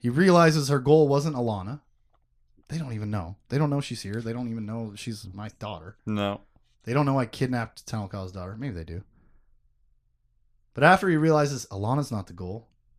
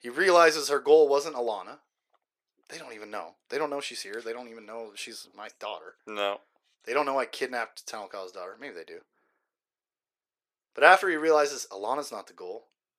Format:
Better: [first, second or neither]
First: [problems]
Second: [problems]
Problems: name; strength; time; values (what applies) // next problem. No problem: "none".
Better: first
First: none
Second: thin; very; fading below 400 Hz